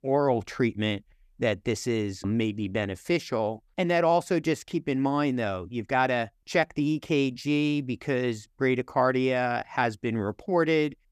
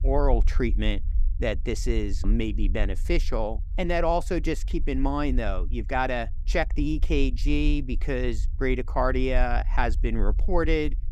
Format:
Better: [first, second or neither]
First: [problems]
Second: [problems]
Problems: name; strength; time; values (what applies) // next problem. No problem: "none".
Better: first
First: none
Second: low rumble; faint; throughout; 25 dB below the speech